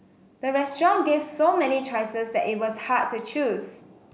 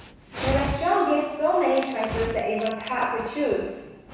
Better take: first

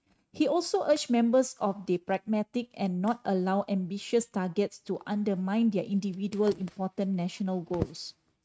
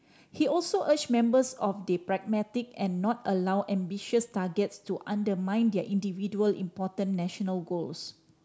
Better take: second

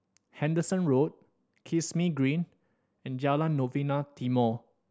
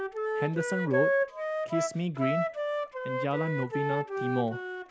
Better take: first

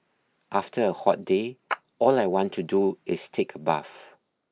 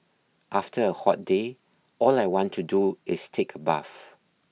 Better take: second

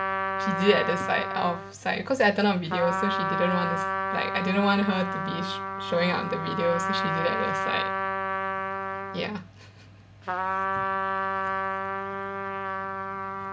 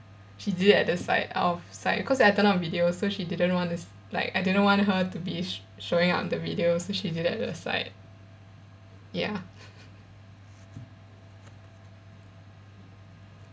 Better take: second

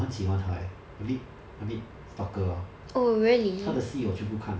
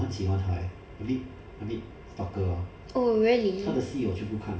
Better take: first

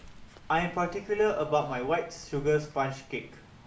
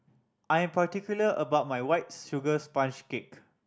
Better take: second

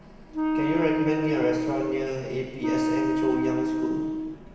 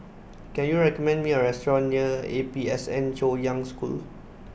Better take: second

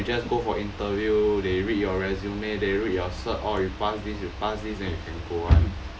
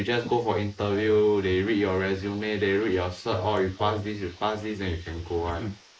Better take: first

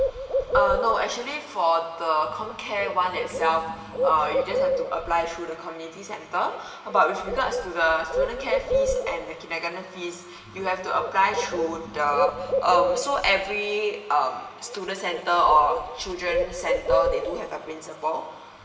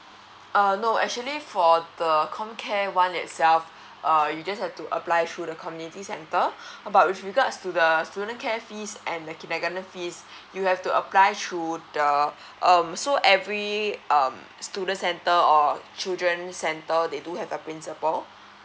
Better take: second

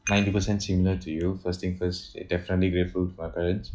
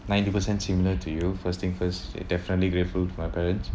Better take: second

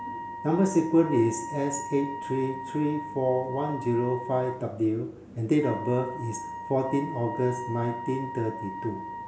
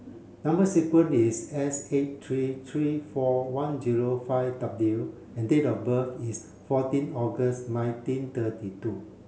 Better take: second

